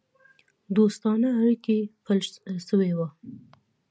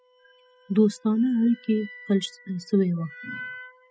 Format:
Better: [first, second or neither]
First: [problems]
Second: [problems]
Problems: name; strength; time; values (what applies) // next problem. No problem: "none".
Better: first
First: none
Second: noise reduction (classical method spectral subtraction)